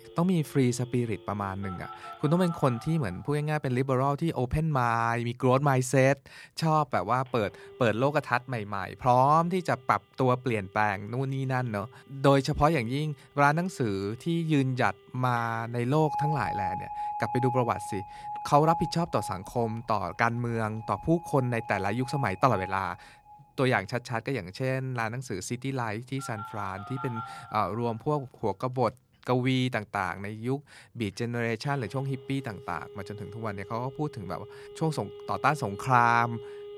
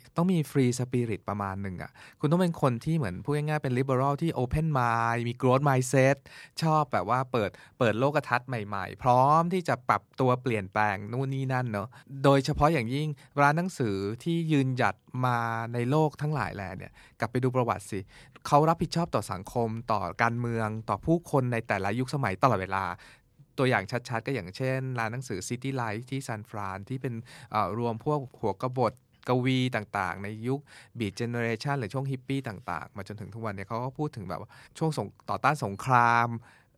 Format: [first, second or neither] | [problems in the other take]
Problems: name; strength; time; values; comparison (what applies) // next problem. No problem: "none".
second | alarms or sirens; noticeable; throughout; 10 dB below the speech